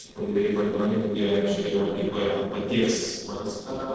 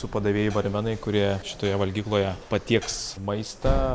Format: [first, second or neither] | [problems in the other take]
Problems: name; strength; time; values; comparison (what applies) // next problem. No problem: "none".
second | noise reduction (neural separator model SepFormer DNS4)